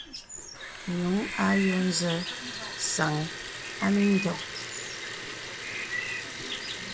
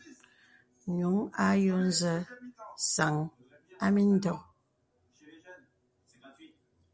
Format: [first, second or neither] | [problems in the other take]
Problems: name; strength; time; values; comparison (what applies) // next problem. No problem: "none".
second | background sound (Liquid + Bird); 6 dB below the speech